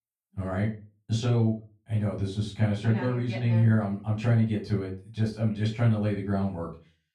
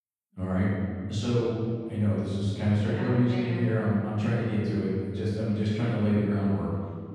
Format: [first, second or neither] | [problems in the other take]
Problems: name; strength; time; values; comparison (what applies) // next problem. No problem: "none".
first | room echo; strong; dies away in 1.8 s; slight in the first // off-mic speech; far; far in the first